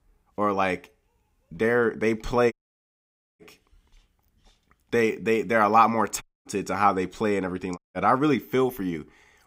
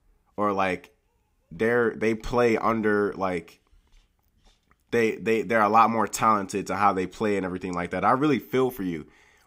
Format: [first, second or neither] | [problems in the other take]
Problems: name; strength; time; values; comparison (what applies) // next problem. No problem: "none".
second | audio cutting out; at 2.5 s for 1 s, at 6 s and at 8 s